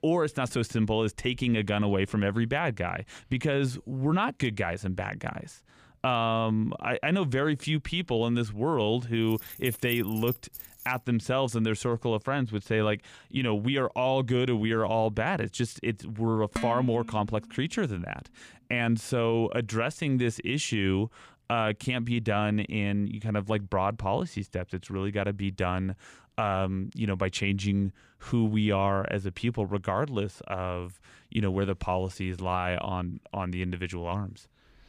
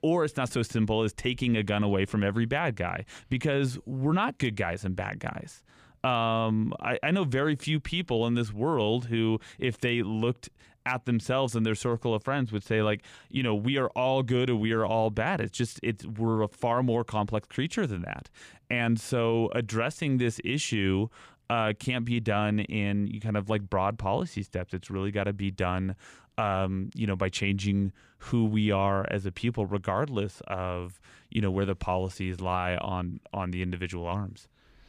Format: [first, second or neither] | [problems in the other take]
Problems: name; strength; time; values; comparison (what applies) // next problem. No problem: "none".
second | jangling keys; noticeable; from 9.5 to 11 s; peak 8 dB below the speech // clattering dishes; noticeable; at 17 s; peak 5 dB below the speech